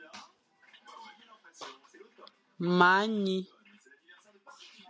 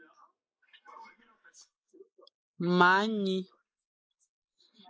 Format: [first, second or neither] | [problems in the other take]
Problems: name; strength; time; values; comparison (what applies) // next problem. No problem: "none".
first | noise reduction (neural mask model Resemble Enhance denoiser)